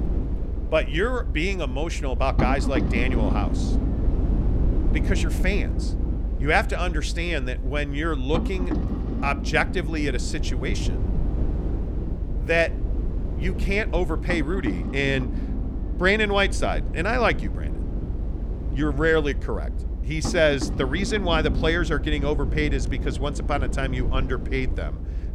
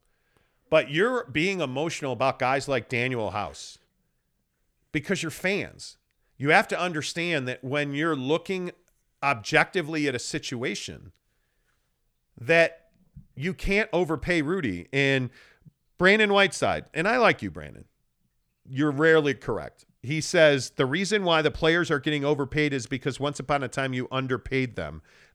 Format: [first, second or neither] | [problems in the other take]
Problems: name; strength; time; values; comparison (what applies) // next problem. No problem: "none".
second | low rumble; noticeable; throughout; 10 dB below the speech